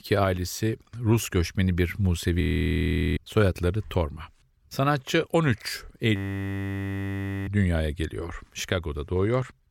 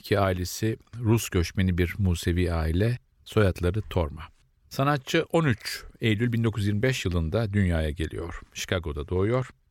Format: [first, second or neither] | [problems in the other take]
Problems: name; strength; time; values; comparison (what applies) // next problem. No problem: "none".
second | audio freezing; at 2.5 s for 1 s and at 6 s for 1.5 s